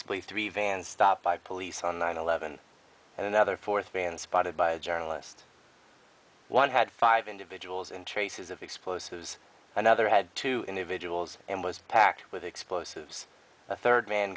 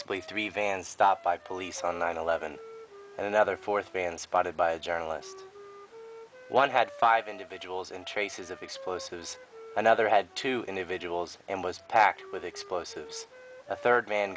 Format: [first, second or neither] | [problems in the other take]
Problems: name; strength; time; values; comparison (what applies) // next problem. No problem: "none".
first | background sound (Wind instrument, woodwind instrument); 19 dB below the speech